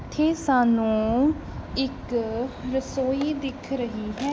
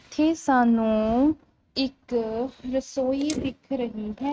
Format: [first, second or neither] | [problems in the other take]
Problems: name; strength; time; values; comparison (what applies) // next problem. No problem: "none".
first | noise reduction (neural mask model RNNoise)